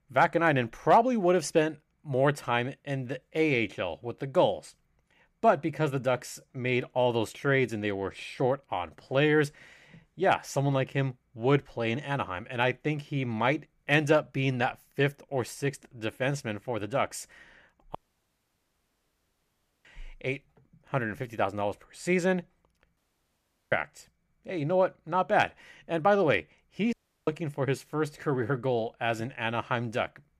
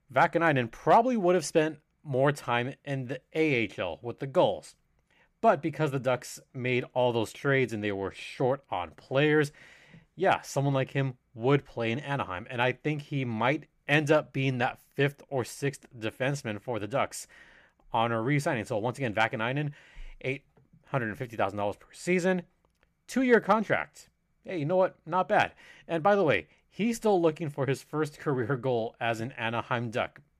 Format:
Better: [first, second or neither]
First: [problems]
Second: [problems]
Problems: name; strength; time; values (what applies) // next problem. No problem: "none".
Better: second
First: audio cutting out; at 18 s for 2 s, at 23 s for 1 s and at 27 s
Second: none